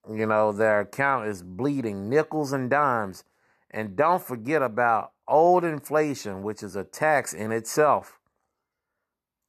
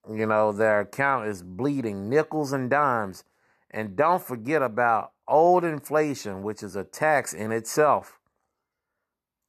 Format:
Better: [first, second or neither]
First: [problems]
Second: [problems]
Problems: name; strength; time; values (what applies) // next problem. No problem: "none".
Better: neither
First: none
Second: none